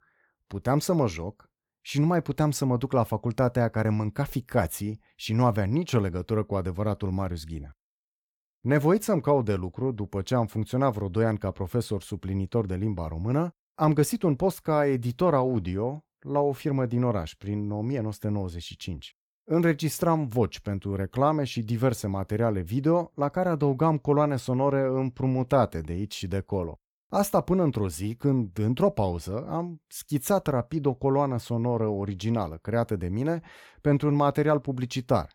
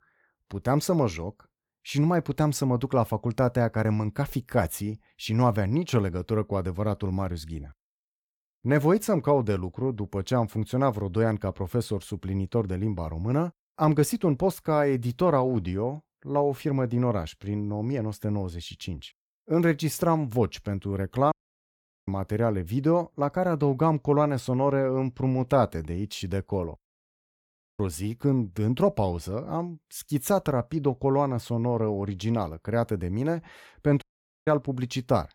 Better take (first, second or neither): first